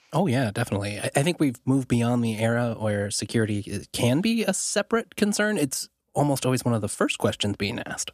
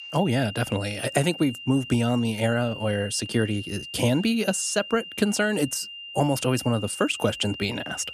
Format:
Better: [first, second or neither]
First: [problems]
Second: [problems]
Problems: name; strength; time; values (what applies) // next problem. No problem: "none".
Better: first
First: none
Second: high-pitched whine; noticeable; throughout; 3 kHz, 10 dB below the speech